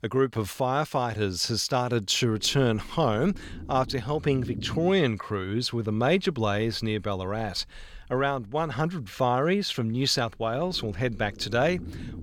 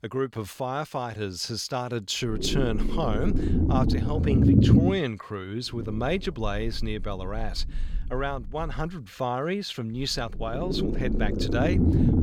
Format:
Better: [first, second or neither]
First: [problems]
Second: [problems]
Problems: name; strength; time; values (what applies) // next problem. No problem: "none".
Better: first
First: low rumble; faint; from 2.5 to 5 s, from 6 to 9 s and from 10 s on; 20 dB below the speech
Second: low rumble; loud; from 2.5 to 5 s, from 6 to 9 s and from 10 s on; as loud as the speech